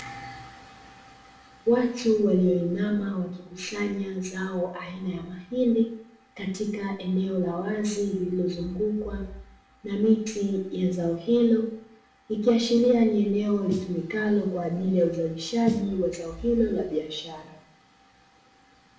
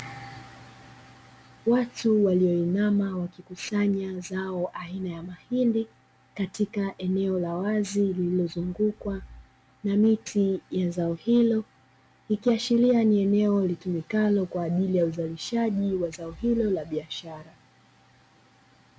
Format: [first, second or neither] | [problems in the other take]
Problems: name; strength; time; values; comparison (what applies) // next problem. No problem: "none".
second | background sound (Snare drum); 13 dB below the speech // room echo; dies away in 0.6 s